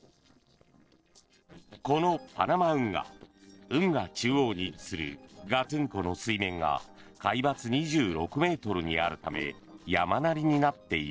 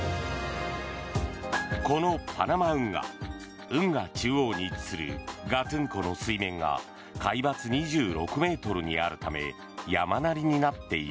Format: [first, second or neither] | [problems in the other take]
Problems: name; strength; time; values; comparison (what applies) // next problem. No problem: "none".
second | noise reduction (neural separator model SepFormer DNS4)